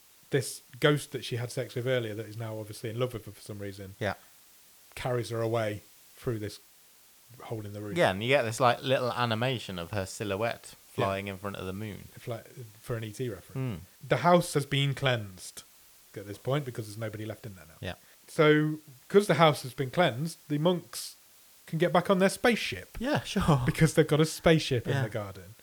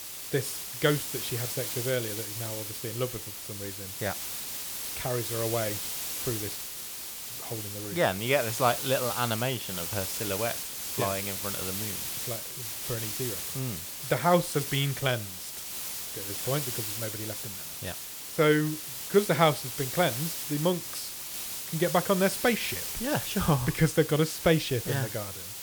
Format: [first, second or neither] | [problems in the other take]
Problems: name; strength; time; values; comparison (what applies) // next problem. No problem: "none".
first | hiss; loud; throughout; 4 dB below the speech; faint in the first